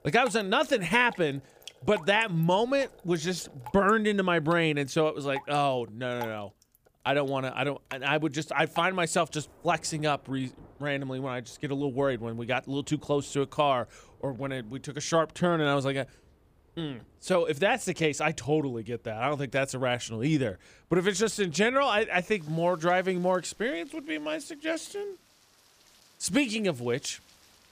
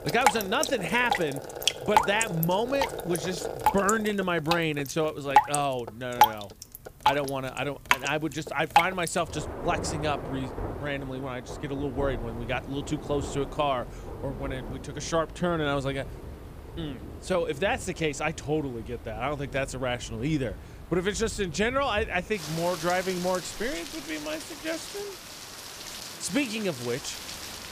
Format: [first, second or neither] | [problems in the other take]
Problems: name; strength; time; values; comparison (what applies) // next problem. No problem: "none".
first | rain or running water; loud; throughout; 2 dB below the speech; faint in the first